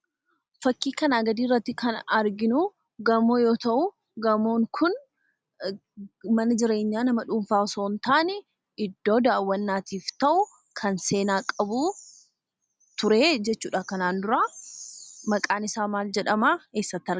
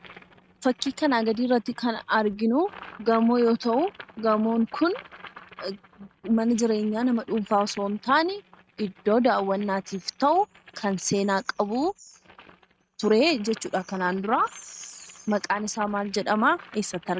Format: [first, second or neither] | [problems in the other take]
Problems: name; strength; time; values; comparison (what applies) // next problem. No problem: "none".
first | noise reduction (neural mask model RNNoise)